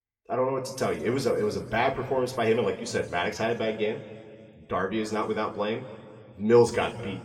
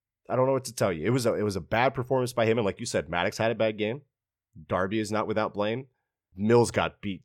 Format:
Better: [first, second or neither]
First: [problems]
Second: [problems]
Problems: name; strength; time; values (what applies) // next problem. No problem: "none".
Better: second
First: room echo; slight; dies away in 1.7 s // off-mic speech; somewhat distant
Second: none